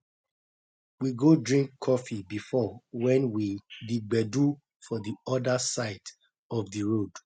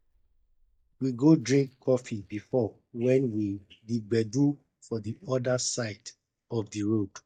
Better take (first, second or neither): first